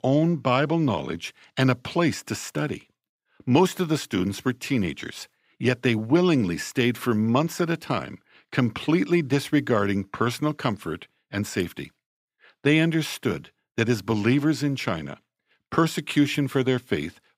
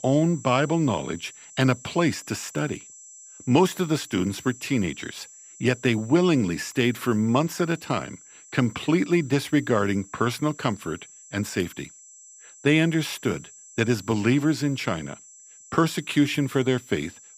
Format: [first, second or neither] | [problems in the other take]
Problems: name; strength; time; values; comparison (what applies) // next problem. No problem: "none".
first | high-pitched whine; faint; throughout; 7.5 kHz, 20 dB below the speech